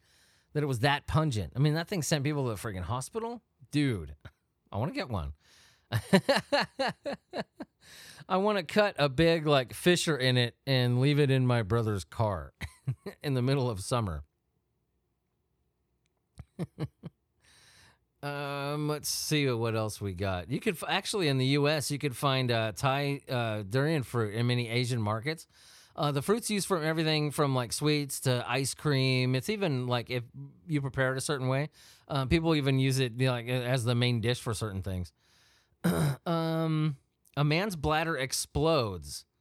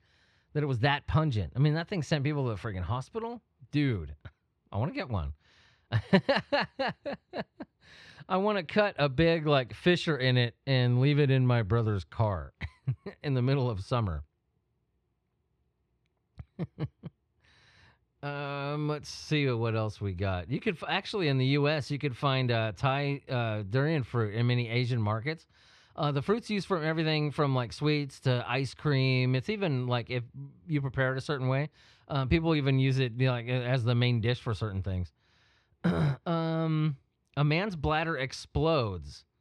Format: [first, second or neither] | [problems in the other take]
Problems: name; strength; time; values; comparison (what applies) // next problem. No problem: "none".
first | muffled; very slightly; fading above 3 kHz